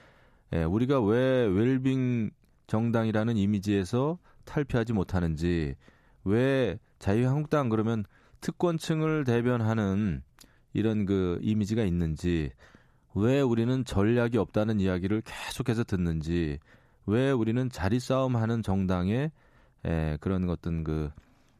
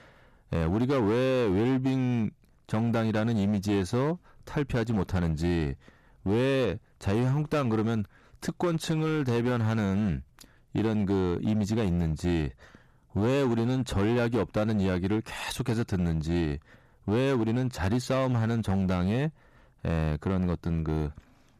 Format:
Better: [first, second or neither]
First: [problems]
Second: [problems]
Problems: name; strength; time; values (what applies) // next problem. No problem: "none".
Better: first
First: none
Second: distortion; slight; 14% of the sound clipped